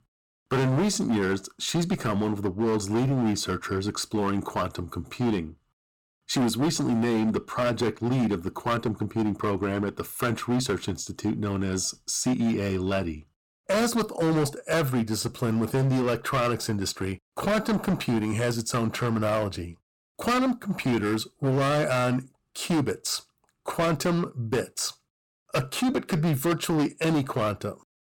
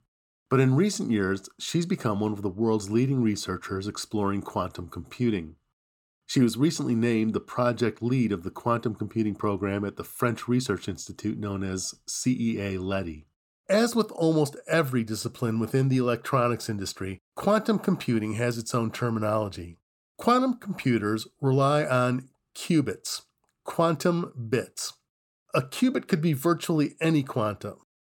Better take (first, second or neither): second